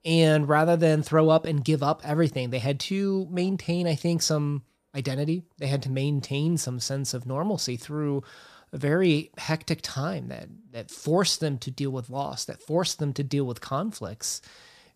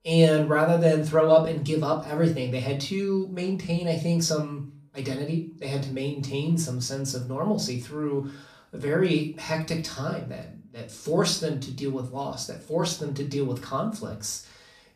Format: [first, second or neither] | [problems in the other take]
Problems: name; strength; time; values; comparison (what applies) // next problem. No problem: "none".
first | off-mic speech; far // room echo; very slight; dies away in 0.3 s